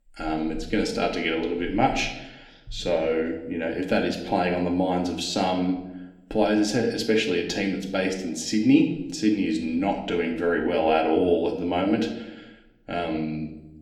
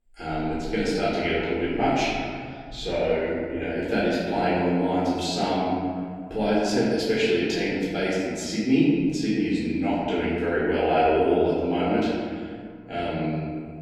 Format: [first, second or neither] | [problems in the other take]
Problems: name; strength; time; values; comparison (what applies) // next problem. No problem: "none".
first | room echo; strong; dies away in 2 s; slight in the first // off-mic speech; far; somewhat distant in the first